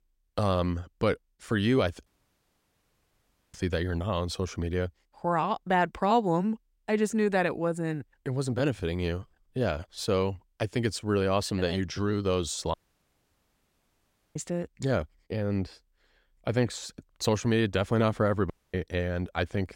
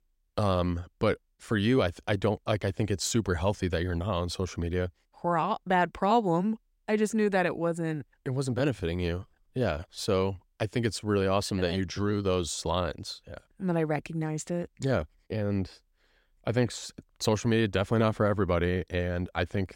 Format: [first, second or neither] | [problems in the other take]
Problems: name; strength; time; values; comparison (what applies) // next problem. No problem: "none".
second | audio cutting out; at 2 s for 1.5 s, at 13 s for 1.5 s and at 19 s